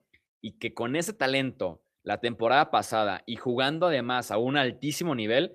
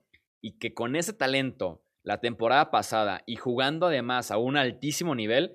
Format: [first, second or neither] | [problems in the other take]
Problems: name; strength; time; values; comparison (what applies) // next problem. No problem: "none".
second | garbled, watery; slightly; nothing above 14.5 kHz